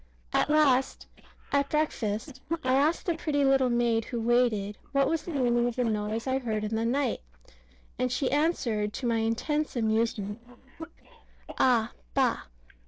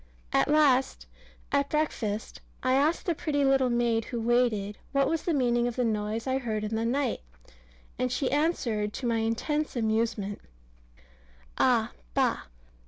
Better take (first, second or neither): second